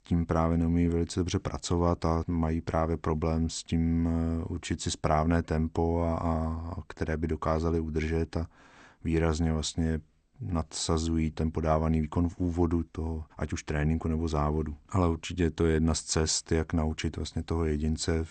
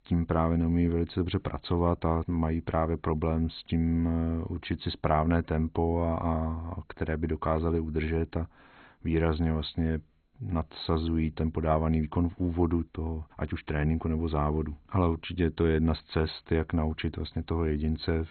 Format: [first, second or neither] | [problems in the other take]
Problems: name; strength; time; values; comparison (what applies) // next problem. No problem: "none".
first | garbled, watery; badly; nothing above 4 kHz; slightly in the first